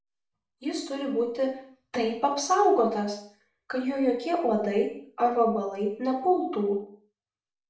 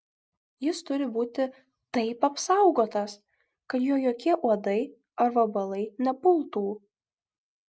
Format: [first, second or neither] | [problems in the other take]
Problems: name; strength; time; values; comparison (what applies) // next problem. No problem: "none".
second | room echo; dies away in 0.5 s